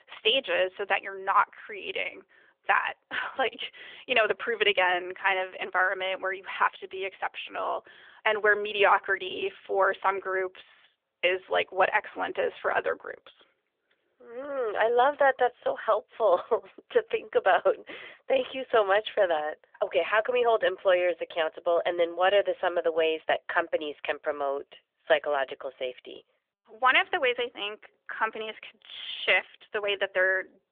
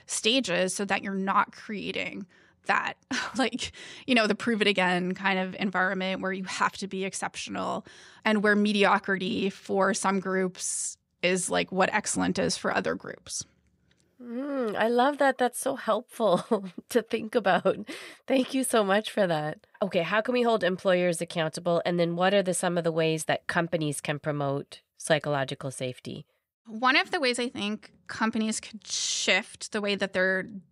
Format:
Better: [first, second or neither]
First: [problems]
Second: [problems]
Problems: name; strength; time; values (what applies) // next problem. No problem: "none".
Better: second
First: phone-call audio; nothing above 3.5 kHz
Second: none